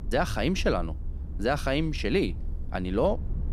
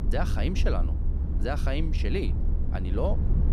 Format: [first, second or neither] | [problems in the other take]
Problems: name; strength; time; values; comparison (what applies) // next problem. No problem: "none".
first | low rumble; loud; throughout; 9 dB below the speech; faint in the first